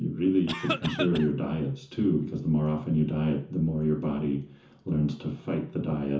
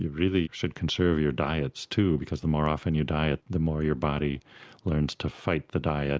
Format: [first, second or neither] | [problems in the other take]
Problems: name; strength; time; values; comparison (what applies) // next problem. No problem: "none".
second | background sound (Cough); 6 dB below the speech // room echo; dies away in 0.9 s